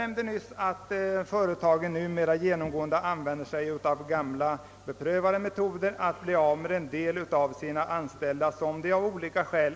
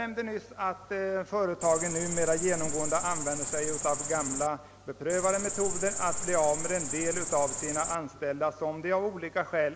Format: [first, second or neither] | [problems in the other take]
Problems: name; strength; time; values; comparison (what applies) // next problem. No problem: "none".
first | background sound (Cricket); 2 dB below the speech